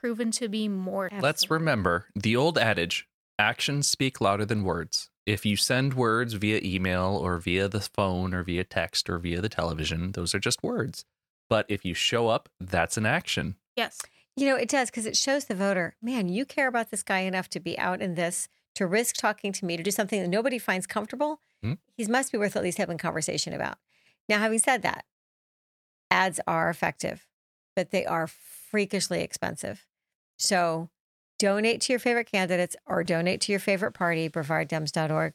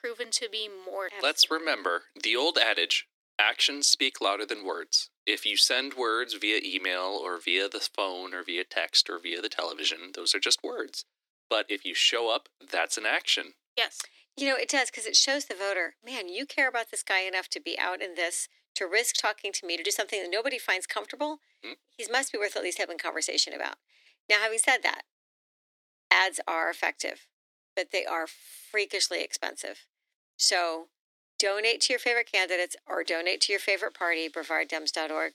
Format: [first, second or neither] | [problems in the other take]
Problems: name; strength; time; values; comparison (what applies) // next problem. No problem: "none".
first | thin; somewhat; fading below 300 Hz